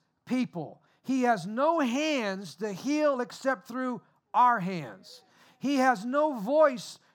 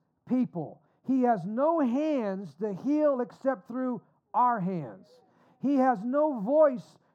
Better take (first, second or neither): first